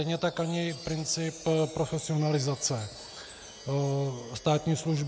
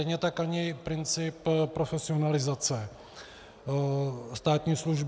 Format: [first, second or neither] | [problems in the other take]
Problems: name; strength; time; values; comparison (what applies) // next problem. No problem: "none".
second | background sound (Chime); 18 dB below the speech